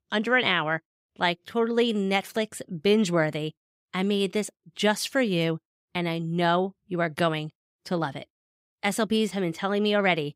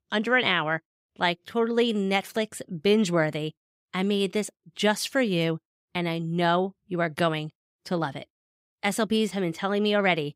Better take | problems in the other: neither | none

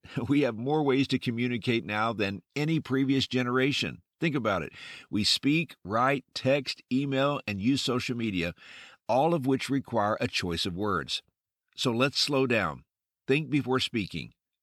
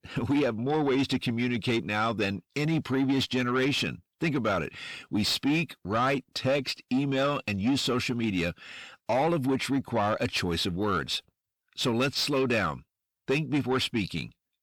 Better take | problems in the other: first | distortion; slight; 10 dB below the speech

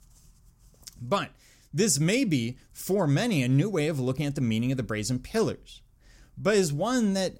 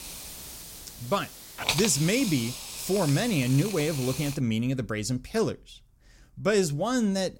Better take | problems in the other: first | hiss; loud; until 4.5 s; 7 dB below the speech

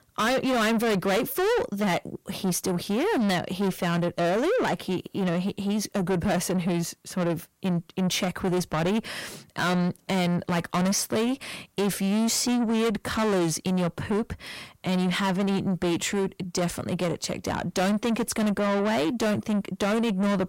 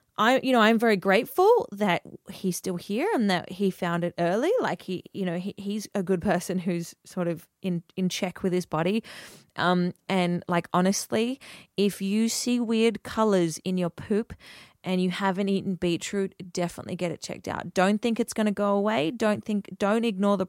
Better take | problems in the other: second | distortion; heavy; 6 dB below the speech

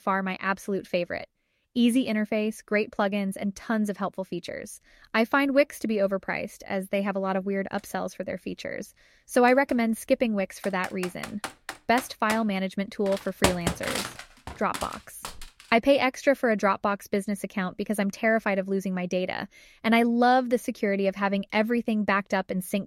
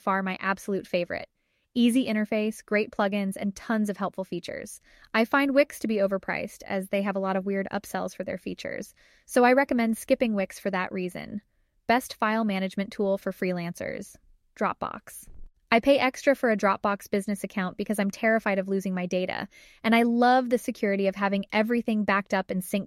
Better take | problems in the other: second | keyboard typing; loud; from 11 to 15 s; peak 1 dB above the speech

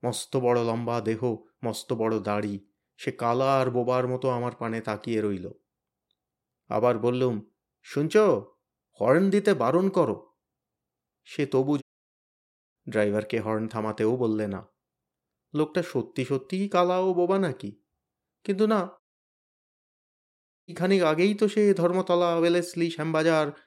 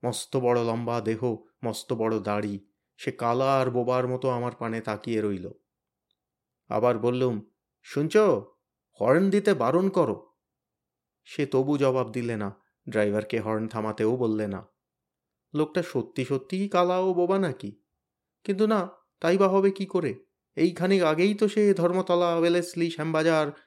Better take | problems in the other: second | audio cutting out; at 12 s for 1 s and at 19 s for 1.5 s

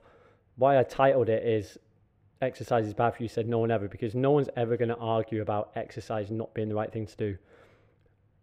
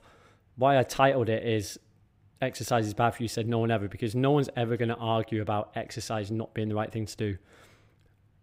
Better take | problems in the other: second | muffled; slightly; fading above 3.5 kHz

